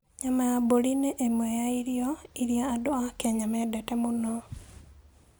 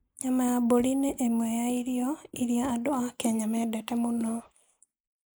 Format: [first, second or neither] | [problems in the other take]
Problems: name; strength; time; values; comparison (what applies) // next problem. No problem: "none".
first | noise reduction (neural mask model Resemble Enhance denoiser)